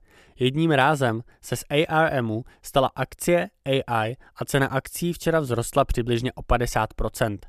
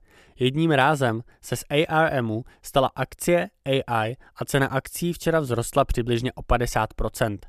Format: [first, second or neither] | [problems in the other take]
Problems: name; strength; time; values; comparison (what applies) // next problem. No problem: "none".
neither | none